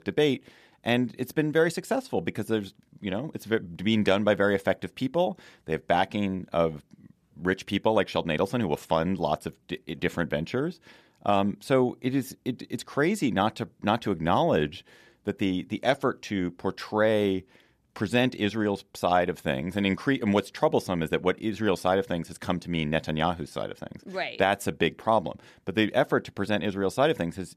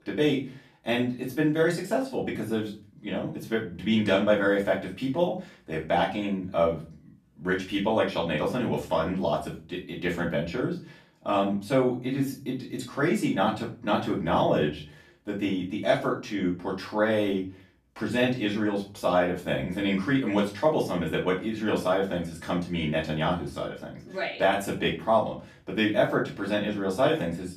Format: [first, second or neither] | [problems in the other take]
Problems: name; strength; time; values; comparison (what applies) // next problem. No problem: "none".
first | off-mic speech; far // room echo; slight; dies away in 0.3 s